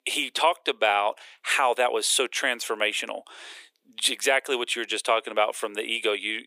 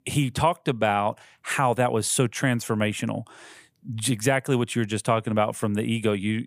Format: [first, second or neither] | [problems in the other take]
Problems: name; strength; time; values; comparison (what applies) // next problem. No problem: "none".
second | thin; very; fading below 350 Hz